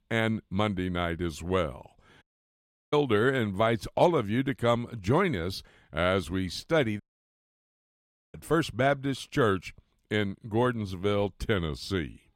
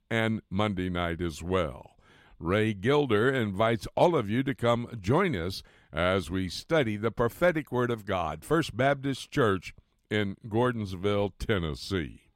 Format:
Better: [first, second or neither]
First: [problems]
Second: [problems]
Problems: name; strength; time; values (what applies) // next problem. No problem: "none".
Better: second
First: audio cutting out; at 2 s for 0.5 s and at 7 s for 1.5 s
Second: none